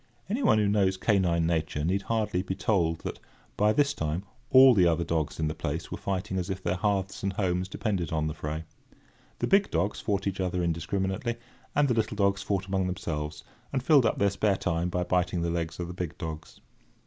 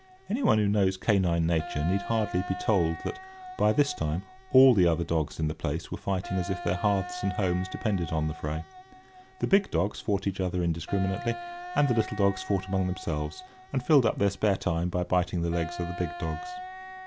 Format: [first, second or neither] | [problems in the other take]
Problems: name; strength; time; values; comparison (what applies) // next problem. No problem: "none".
first | background sound (Wind instrument, woodwind instrument); 15 dB below the speech